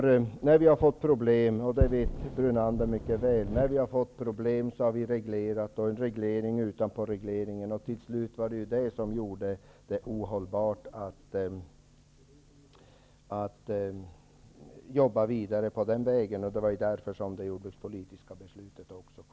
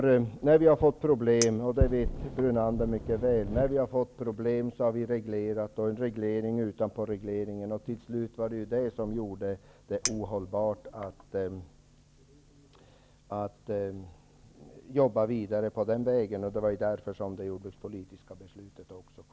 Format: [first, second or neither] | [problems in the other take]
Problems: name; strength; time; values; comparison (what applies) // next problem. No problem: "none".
first | background sound (Chink, clink); 14 dB below the speech